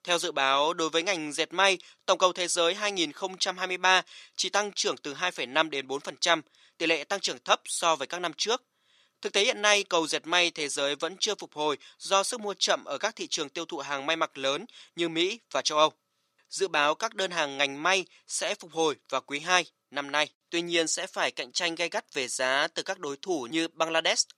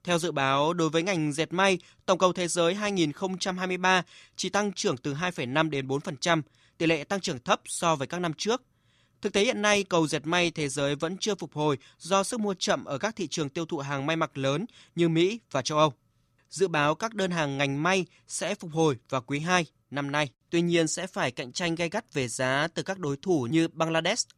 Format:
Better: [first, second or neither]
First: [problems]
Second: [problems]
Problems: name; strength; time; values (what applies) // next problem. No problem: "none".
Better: second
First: thin; somewhat; fading below 450 Hz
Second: none